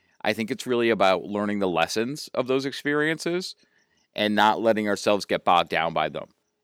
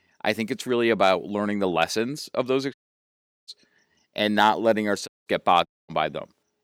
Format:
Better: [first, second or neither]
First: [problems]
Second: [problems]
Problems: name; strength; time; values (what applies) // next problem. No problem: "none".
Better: first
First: none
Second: audio cutting out; at 2.5 s for 0.5 s, at 5 s and at 5.5 s